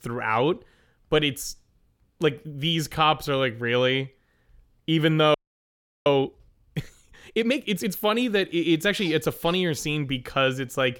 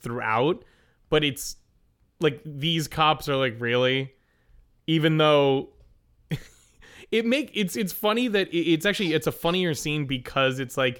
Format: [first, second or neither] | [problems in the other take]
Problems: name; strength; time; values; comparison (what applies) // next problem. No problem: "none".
second | audio freezing; at 5.5 s for 0.5 s